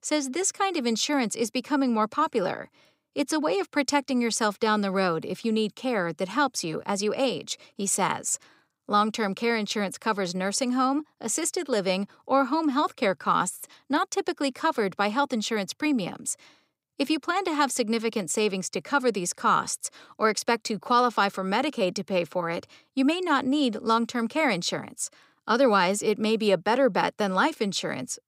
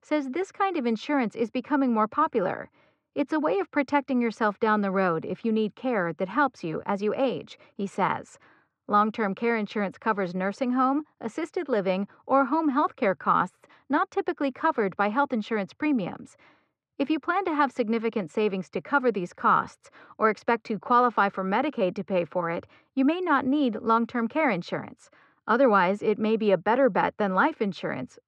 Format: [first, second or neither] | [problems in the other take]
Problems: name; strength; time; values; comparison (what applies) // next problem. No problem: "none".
first | muffled; very; fading above 1.5 kHz